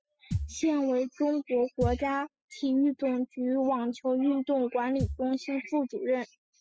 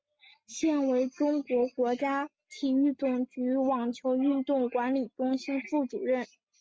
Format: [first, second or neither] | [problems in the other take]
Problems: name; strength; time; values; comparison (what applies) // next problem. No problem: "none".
second | noise reduction (classical method spectral subtraction)